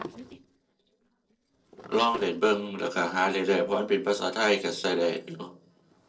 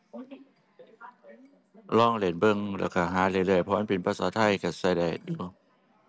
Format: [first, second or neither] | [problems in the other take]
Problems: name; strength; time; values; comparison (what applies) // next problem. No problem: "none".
second | noise reduction (neural separator model SepFormer DNS4)